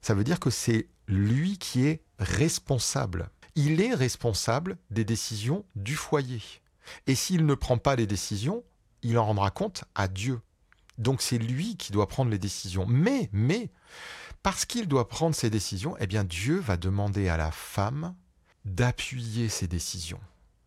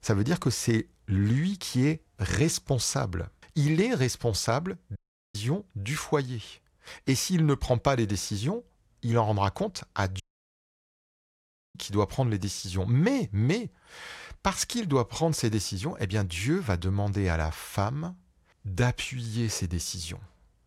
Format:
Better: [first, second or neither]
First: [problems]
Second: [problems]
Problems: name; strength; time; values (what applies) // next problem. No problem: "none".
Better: first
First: none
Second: audio cutting out; at 5 s and at 10 s for 1.5 s